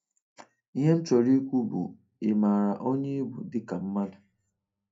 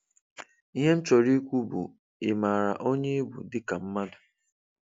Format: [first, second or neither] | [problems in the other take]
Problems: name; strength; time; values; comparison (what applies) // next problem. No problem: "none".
second | room echo; dies away in 0.2 s